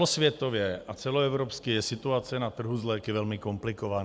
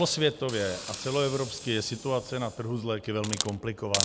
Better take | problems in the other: first | background sound (Hiss); 8 dB below the speech

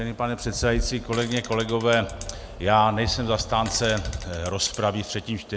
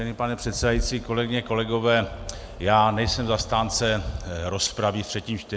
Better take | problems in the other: second | background sound (Fart); 19 dB below the speech

